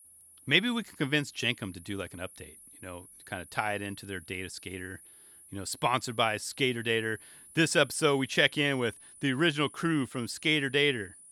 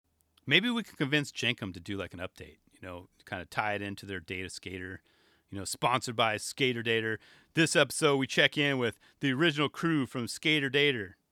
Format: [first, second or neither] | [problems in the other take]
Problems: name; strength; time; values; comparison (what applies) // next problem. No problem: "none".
second | high-pitched whine; faint; throughout; 10 kHz, 20 dB below the speech